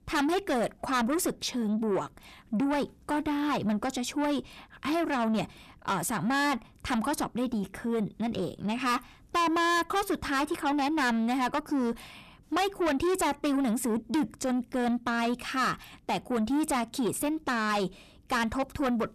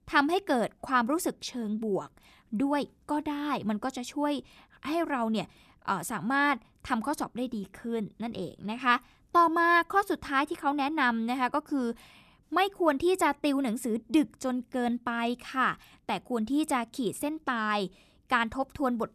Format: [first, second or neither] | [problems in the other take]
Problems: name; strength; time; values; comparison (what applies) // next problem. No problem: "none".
second | distortion; heavy; 6 dB below the speech